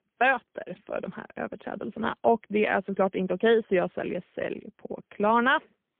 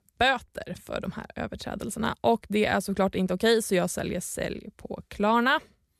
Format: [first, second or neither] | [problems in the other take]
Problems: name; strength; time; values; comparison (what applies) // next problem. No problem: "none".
second | phone-call audio; poor line; nothing above 3.5 kHz